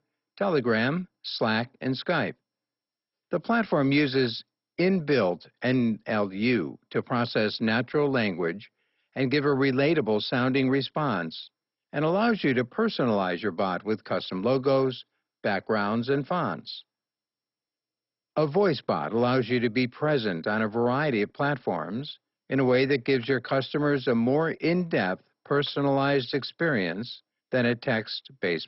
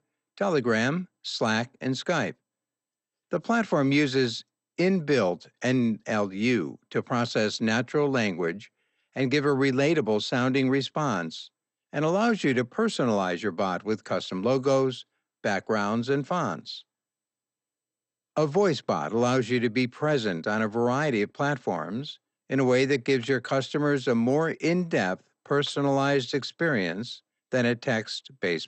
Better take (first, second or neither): second